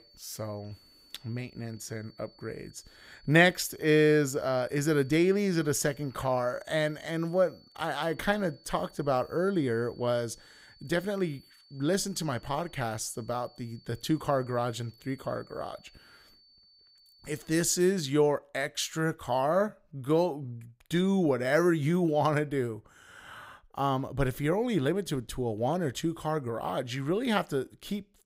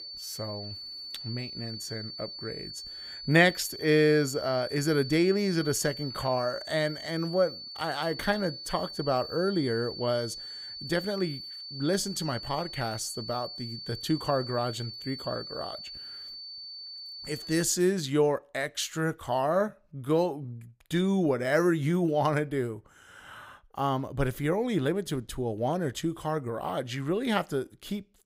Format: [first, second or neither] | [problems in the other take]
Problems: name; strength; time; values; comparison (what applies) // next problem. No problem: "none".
first | high-pitched whine; loud; until 18 s; 4.5 kHz, 10 dB below the speech; faint in the first